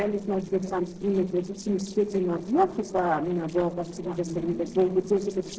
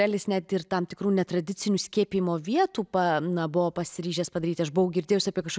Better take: second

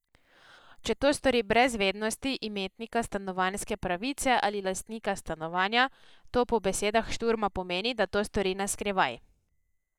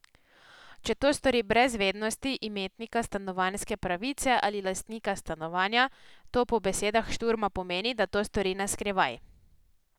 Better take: second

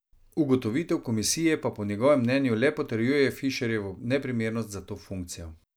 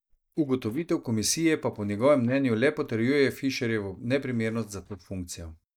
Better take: first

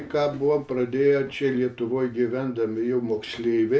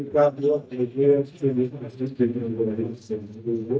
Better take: first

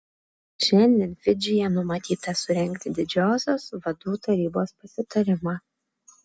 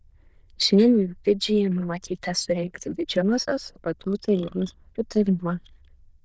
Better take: first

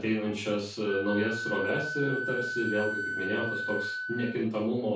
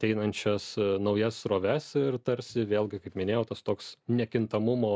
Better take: second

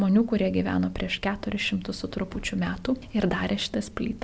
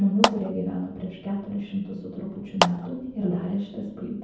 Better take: first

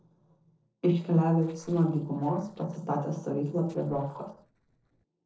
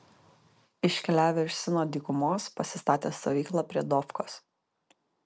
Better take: second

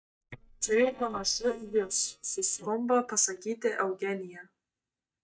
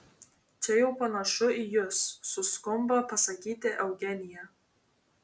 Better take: second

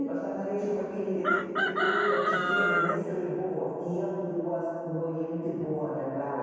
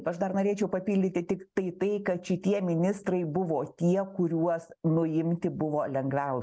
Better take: second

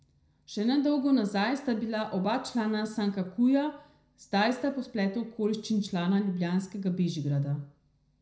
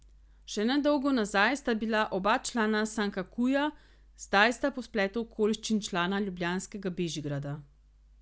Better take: second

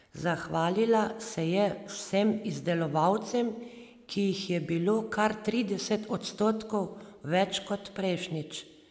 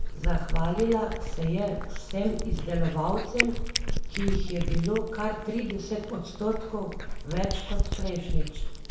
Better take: first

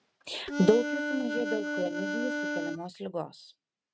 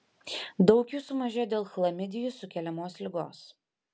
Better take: second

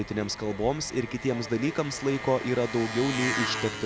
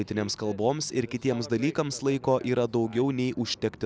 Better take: second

